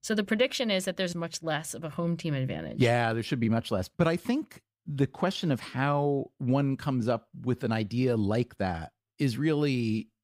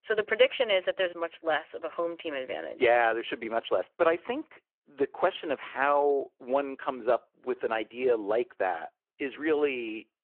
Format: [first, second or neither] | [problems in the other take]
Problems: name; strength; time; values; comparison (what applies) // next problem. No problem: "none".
first | phone-call audio